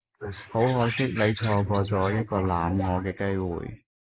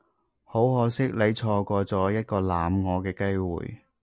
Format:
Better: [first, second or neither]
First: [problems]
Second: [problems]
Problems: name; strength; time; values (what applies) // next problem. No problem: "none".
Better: second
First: noise reduction (neural mask model Resemble Enhance denoiser)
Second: none